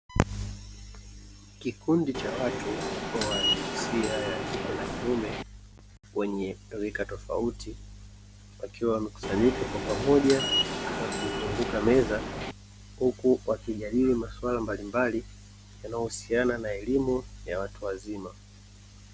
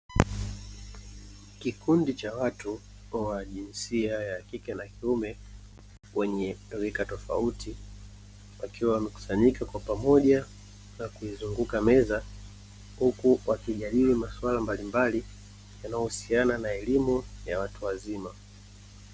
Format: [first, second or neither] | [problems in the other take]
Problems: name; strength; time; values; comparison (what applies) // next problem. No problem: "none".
second | background sound (Subway, metro, underground); 2 dB below the speech